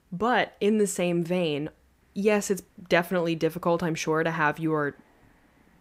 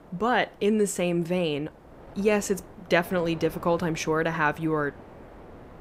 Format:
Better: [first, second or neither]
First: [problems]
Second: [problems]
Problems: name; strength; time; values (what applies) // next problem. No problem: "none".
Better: first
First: none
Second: wind noise on the microphone; occasional gusts; 20 dB below the speech